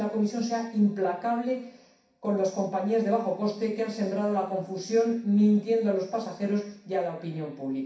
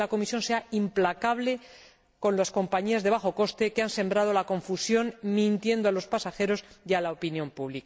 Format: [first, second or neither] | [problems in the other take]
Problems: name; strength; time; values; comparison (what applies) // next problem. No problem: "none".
second | room echo; dies away in 0.6 s